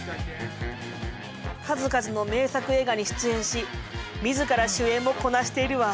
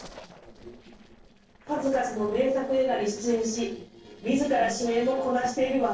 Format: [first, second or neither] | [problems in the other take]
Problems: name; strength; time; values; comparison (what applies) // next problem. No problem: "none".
first | noise reduction (neural separator model SepFormer DNS4)